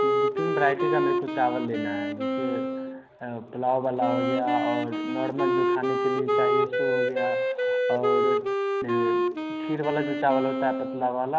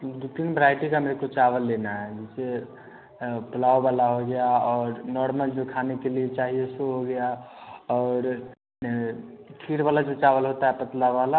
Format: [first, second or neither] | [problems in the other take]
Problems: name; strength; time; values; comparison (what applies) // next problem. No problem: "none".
second | background sound (Wind instrument, woodwind instrument); 3 dB above the speech